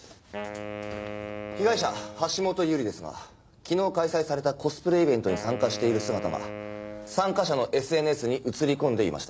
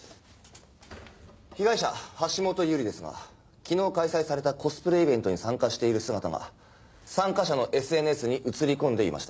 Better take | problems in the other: second | background sound (Wind instrument, woodwind instrument); 12 dB below the speech

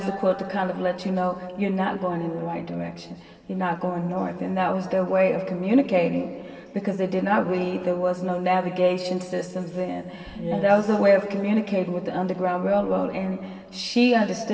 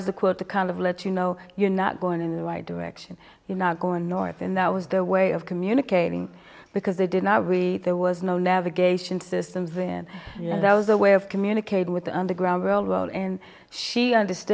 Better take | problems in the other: second | room echo; dies away in 2.1 s

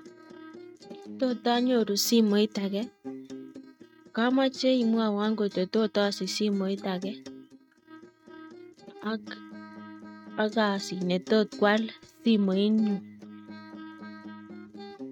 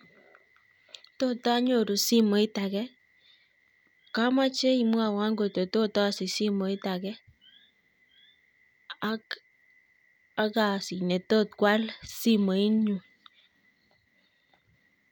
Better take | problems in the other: second | noise reduction (neural mask model RNNoise)

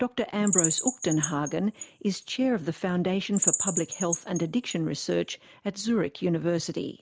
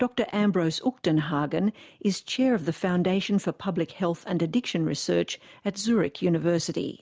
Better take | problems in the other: second | background sound (Bird vocalization, bird call, bird song); 3 dB below the speech

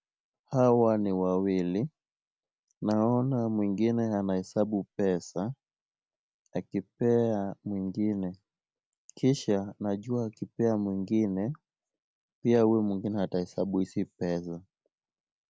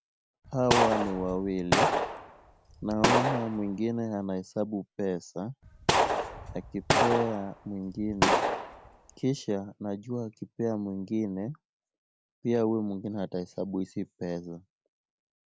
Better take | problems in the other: first | background sound (Gunshot, gunfire); 3 dB above the speech

